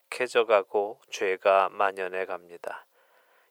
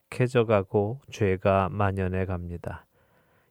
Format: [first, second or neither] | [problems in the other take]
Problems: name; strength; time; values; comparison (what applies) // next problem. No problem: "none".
second | thin; very; fading below 500 Hz